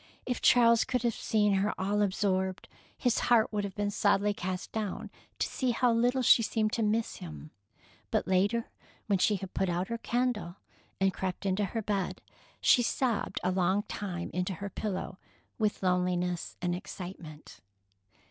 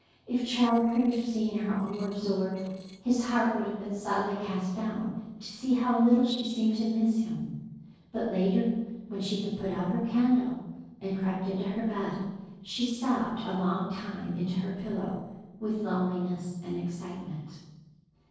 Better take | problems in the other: first | noise reduction (neural separator model SepFormer DNS4)

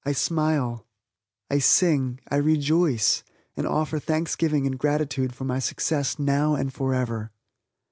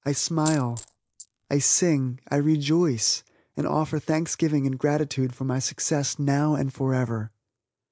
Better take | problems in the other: first | noise reduction (neural mask model Resemble Enhance denoiser)

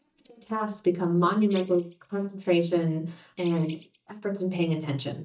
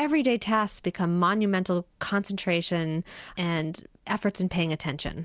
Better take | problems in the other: second | noise reduction (neural mask model DeepFilterNet 3)

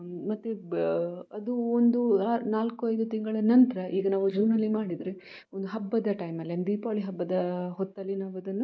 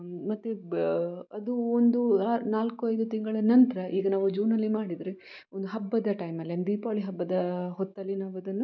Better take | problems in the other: second | noise reduction (neural mask model Resemble Enhance denoiser)

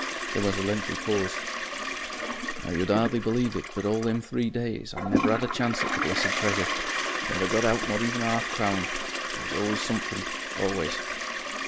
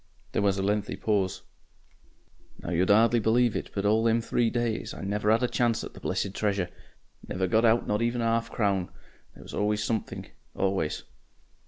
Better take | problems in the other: second | background sound (Toilet flush); 2 dB below the speech

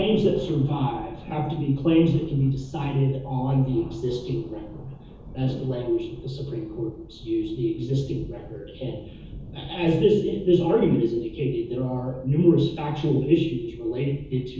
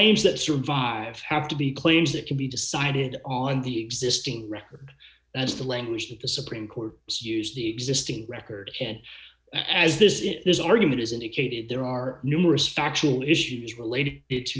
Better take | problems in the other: second | background sound (Thunder); 16 dB below the speech // room echo; dies away in 0.7 s

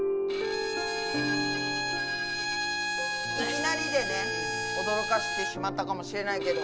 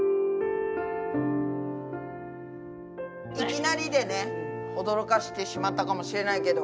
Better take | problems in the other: second | background sound (Bowed string instrument); 1 dB below the speech

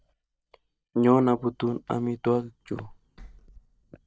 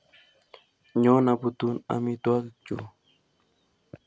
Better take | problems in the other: second | noise reduction (neural mask model DeepFilterNet 3)

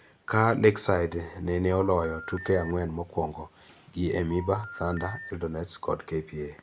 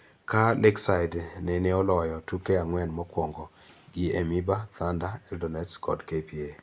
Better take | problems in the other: second | background sound (Telephone); 15 dB below the speech

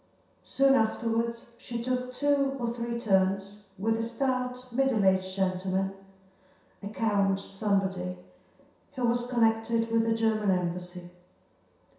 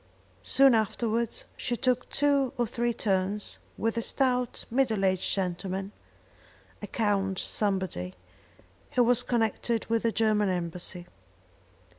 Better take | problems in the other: second | room echo; dies away in 0.7 s

